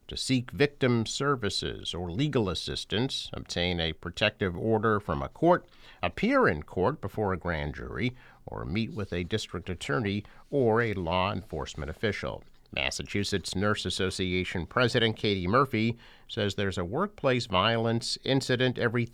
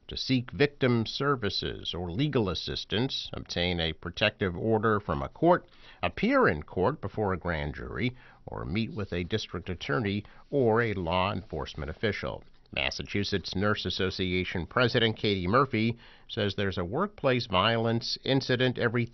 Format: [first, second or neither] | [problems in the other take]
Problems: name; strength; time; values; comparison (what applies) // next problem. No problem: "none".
first | garbled, watery; slightly; nothing above 6 kHz